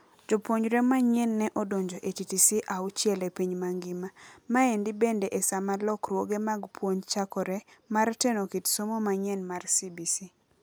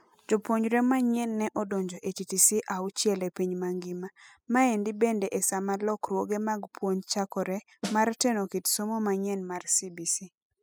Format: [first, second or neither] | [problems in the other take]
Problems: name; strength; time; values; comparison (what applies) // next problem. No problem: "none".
first | noise reduction (classical method spectral subtraction)